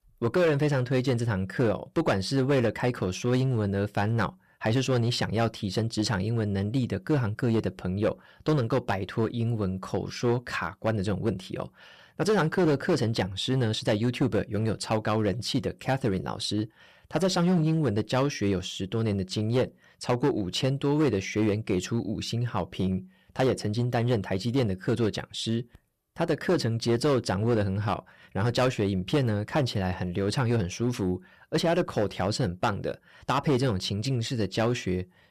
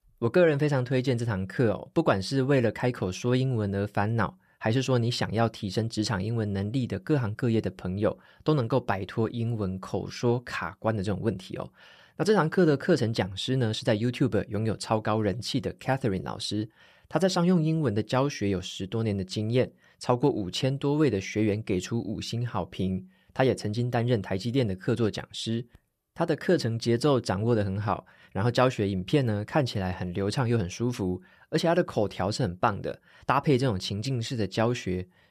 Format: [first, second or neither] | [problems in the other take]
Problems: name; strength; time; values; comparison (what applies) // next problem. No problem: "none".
second | distortion; slight; 6% of the sound clipped